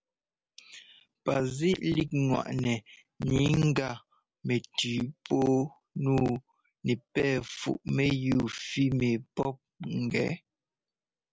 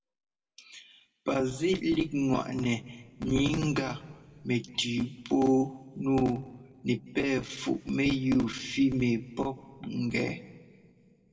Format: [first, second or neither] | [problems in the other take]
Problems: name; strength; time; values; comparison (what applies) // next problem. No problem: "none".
first | room echo; dies away in 1.2 s